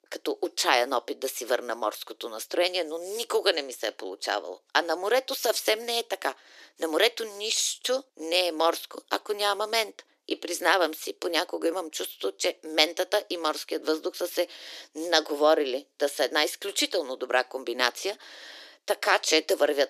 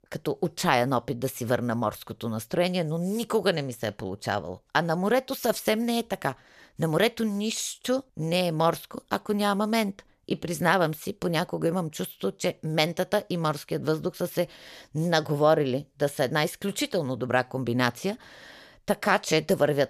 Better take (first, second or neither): second